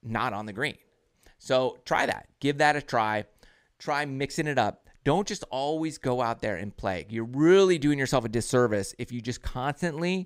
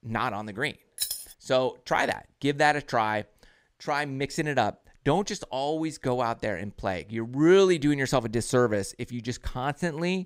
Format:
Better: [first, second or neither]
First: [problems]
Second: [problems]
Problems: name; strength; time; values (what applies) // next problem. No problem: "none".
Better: first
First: none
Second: jangling keys; noticeable; at 1 s; peak 4 dB below the speech